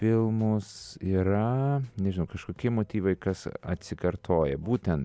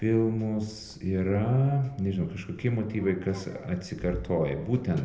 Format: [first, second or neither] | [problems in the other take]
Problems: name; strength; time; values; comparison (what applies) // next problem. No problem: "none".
first | background sound (Sliding door); 19 dB below the speech // room echo; dies away in 0.6 s